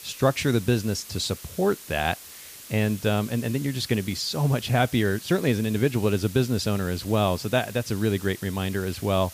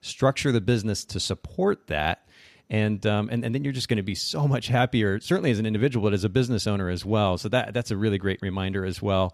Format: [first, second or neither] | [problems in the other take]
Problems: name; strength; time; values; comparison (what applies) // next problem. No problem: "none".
second | hiss; noticeable; throughout; 15 dB below the speech